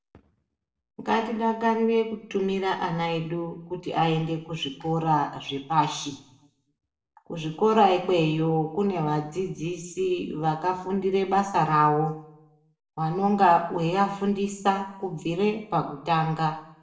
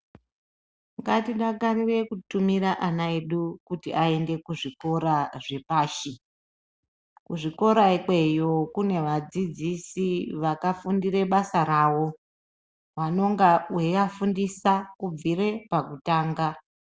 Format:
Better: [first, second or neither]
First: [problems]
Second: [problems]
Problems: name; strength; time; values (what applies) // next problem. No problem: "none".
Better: second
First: room echo; dies away in 0.6 s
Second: none